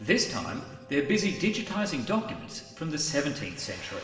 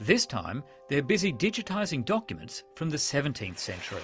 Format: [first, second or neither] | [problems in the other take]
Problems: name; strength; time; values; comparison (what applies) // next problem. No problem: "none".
second | room echo; dies away in 1.3 s